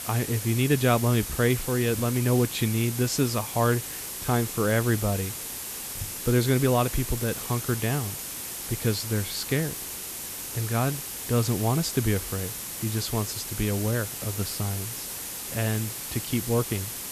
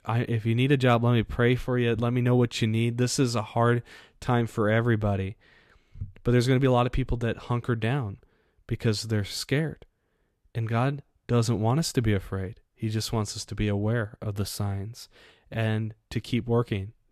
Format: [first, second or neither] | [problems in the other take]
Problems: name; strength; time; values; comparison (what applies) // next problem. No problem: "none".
second | hiss; loud; throughout; 6 dB below the speech